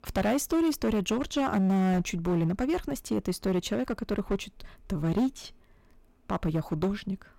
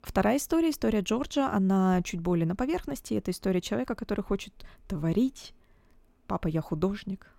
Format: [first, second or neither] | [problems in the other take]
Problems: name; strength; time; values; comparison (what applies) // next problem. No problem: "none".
second | distortion; slight; 9% of the sound clipped